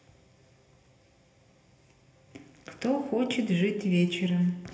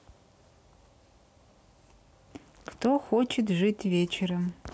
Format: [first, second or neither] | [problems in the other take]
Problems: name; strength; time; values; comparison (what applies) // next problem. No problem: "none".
second | room echo; dies away in 1.4 s